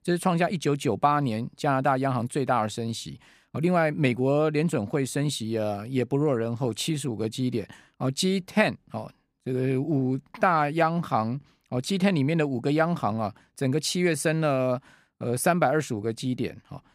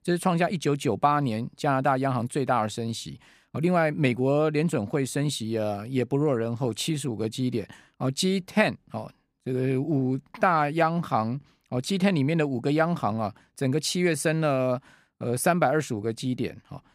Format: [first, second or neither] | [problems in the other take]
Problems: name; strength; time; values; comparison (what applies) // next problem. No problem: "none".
neither | none